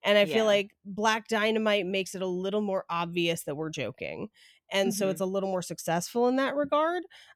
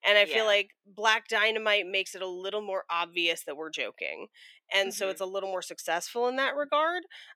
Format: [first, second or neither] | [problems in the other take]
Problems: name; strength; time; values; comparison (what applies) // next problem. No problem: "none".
first | thin; somewhat; fading below 350 Hz